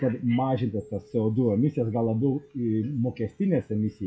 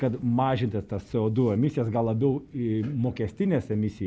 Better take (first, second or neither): second